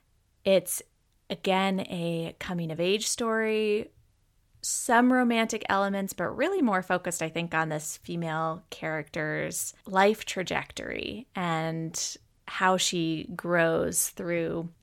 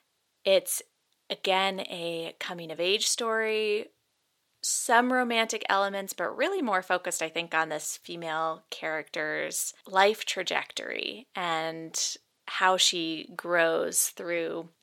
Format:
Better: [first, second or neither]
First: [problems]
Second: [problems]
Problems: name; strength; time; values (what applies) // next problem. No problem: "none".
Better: first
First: none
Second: thin; somewhat; fading below 350 Hz